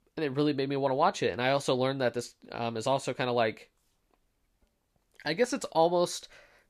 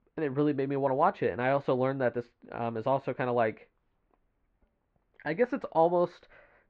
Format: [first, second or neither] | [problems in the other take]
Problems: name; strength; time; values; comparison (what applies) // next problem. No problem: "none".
first | muffled; very; fading above 2 kHz